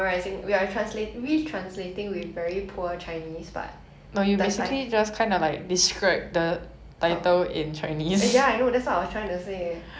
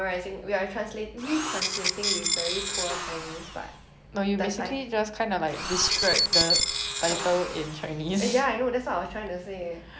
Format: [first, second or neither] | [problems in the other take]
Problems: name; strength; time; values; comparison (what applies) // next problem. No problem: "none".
first | background sound (Alarm + Tools); as loud as the speech